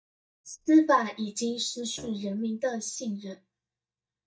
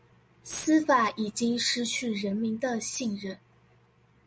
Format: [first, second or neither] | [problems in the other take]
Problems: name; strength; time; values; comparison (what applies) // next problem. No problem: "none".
second | noise reduction (neural mask model DeepFilterNet 3)